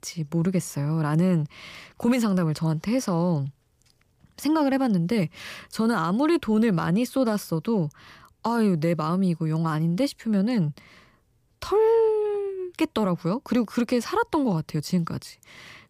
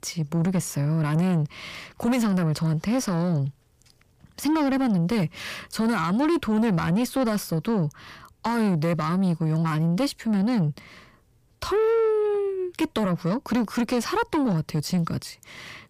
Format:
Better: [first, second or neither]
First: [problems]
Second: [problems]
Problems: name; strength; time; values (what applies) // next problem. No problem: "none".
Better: first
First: none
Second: distortion; slight; 10 dB below the speech